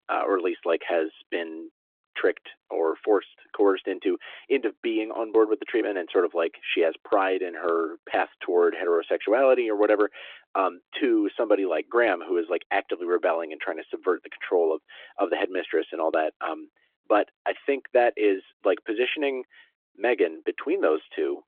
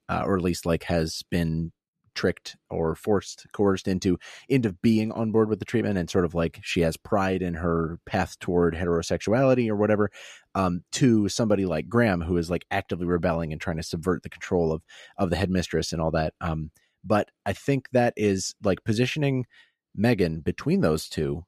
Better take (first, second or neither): second